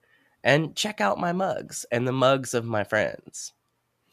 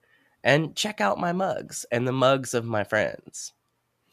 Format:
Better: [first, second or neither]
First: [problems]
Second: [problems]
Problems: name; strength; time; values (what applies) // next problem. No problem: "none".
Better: neither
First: none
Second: none